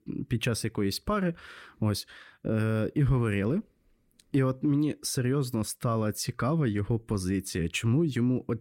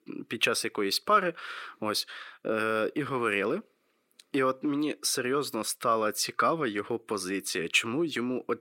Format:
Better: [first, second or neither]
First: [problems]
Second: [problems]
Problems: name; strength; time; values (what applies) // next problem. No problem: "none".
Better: first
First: none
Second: thin; somewhat; fading below 450 Hz